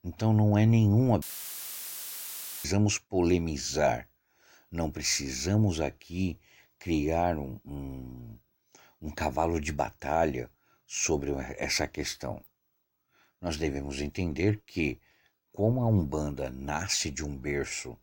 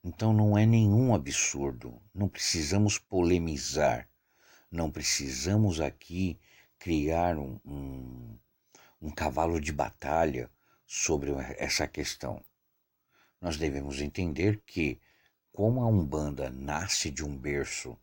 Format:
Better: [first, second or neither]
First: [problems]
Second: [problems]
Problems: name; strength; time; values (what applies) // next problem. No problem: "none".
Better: second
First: audio cutting out; filled with static; at 1 s for 1.5 s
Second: none